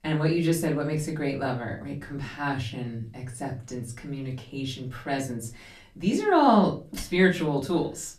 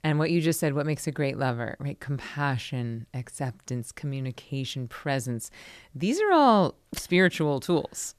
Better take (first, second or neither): second